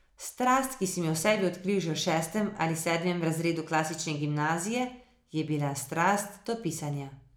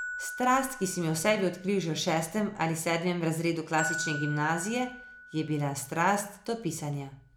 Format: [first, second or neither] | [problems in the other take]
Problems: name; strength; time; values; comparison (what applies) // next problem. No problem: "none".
first | background sound (Glockenspiel); 12 dB below the speech